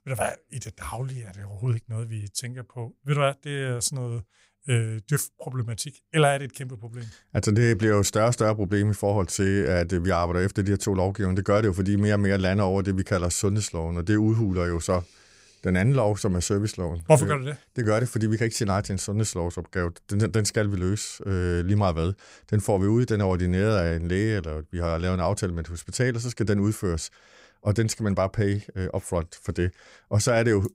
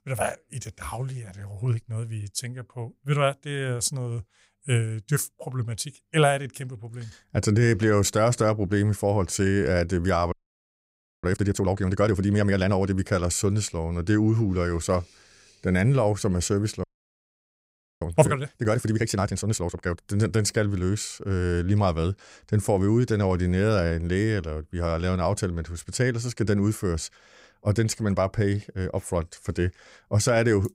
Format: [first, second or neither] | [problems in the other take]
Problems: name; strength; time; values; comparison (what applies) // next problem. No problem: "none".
first | audio freezing; at 10 s for 1 s and at 17 s for 1 s